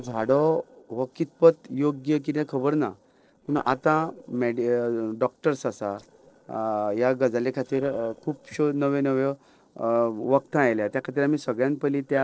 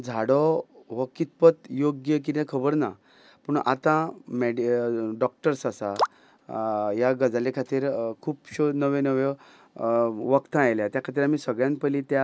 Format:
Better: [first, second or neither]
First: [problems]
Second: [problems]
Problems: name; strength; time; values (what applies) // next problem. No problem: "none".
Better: second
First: noise reduction (neural separator model SepFormer DNS4)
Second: none